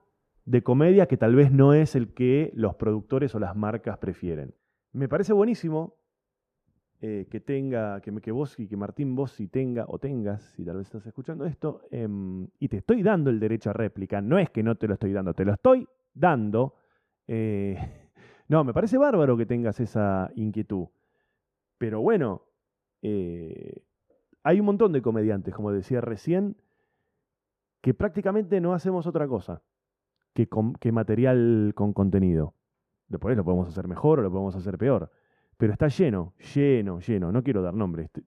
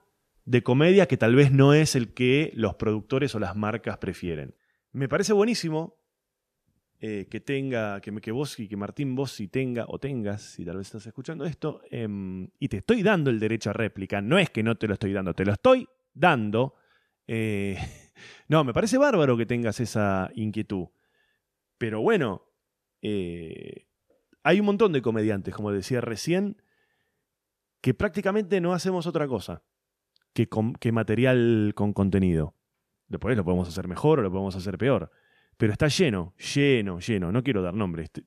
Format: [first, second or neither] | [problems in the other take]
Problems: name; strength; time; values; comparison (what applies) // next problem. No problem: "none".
second | muffled; very; fading above 2 kHz